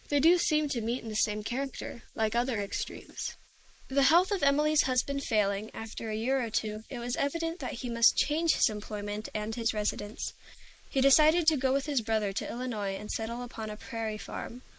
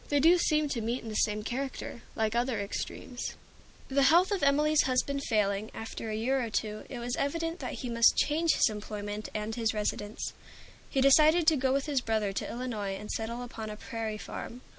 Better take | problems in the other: second | noise reduction (neural mask model Resemble Enhance denoiser)

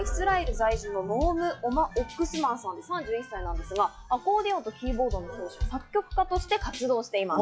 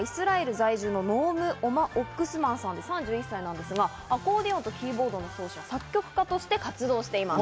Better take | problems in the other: second | noise reduction (classical method log-MMSE)

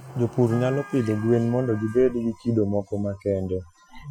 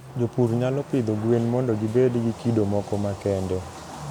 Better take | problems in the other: second | noise reduction (classical method Wiener filter)

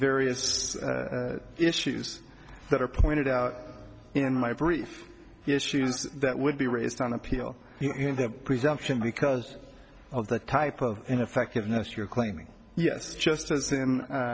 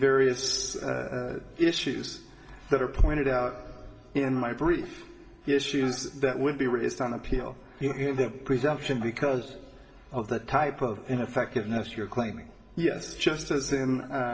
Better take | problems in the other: first | room echo; dies away in 1 s

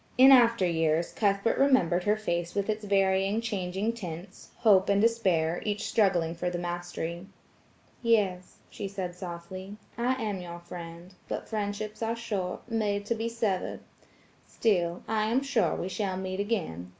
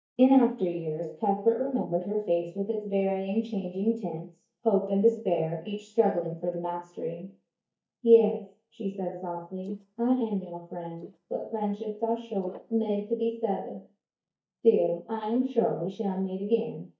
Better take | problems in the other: first | noise reduction (neural mask model DeepFilterNet 3)

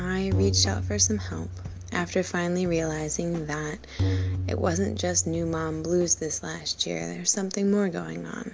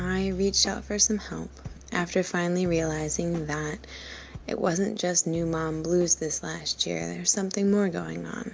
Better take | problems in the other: second | background sound (Tabla); 5 dB below the speech

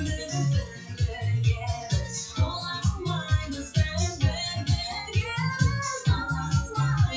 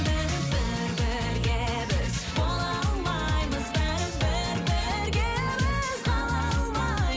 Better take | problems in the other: second | noise reduction (classical method WPE with log-MMSE)

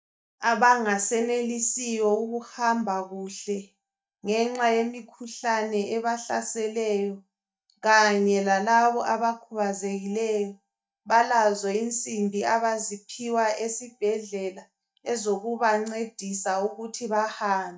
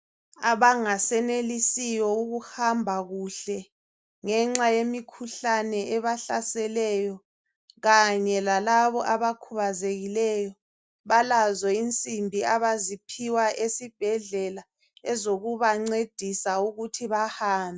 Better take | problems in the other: second | noise reduction (neural mask model DeepFilterNet 3)

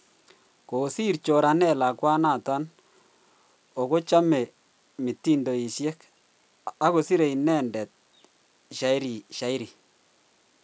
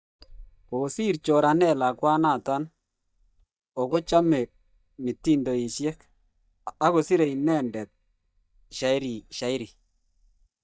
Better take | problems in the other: first | noise reduction (neural mask model DeepFilterNet 3)

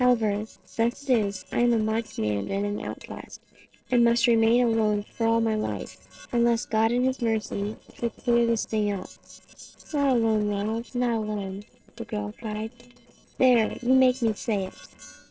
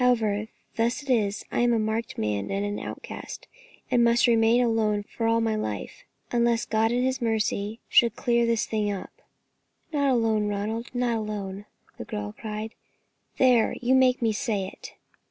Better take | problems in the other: second | noise reduction (neural separator model SepFormer DNS4)

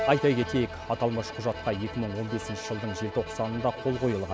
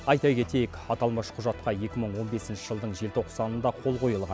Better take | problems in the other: second | background sound (Bowed string instrument); 9 dB below the speech

